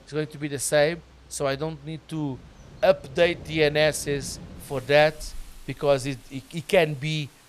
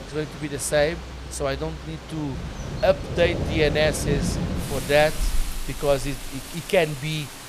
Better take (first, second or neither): first